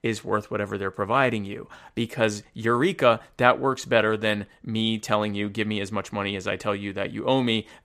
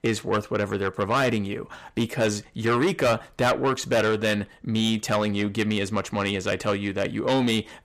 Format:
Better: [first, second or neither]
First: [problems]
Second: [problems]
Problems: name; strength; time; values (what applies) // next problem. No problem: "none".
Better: first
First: none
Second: distortion; heavy; 7 dB below the speech